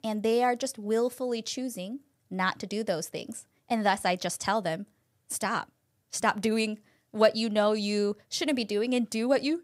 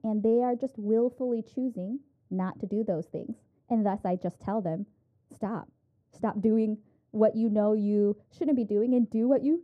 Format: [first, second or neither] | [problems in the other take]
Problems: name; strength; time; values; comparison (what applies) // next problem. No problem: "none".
first | muffled; very; fading above 1 kHz